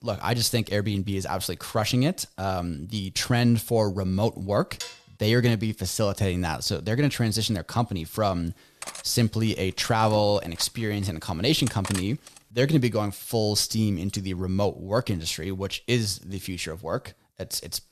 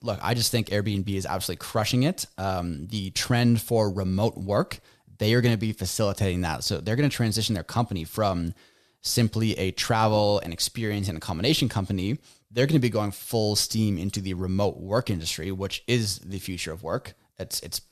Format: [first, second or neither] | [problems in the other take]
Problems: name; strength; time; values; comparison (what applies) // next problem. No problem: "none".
second | clattering dishes; faint; at 5 s; peak 10 dB below the speech // clattering dishes; noticeable; from 9 to 12 s; peak 7 dB below the speech